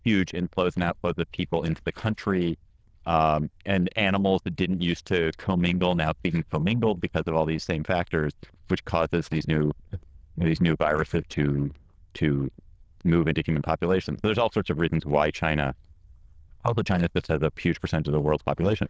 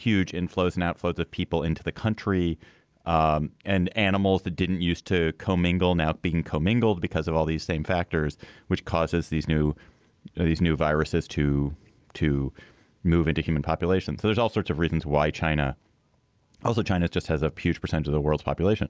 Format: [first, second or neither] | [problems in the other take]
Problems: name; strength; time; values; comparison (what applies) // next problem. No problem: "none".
second | noise reduction (neural diffusion model UNIVERSE++)